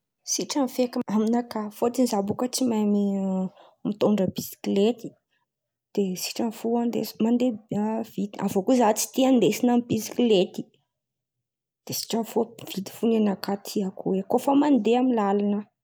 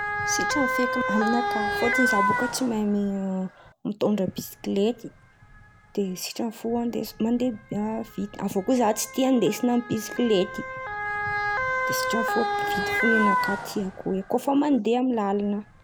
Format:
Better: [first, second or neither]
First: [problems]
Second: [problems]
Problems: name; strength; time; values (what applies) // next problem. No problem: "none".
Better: first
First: none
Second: background sound (Motor vehicle (road) / Siren); 3 dB below the speech